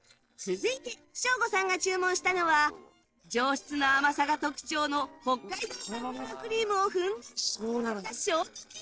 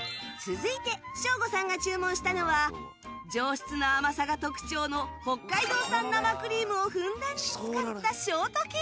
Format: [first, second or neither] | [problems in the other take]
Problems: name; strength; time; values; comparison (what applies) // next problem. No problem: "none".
second | noise reduction (neural separator model SepFormer DNS4)